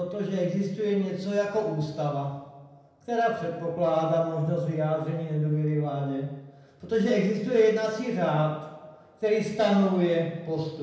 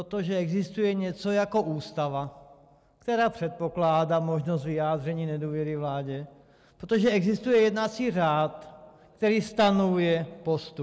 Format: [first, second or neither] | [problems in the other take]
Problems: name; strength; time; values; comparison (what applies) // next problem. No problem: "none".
second | room echo; dies away in 0.9 s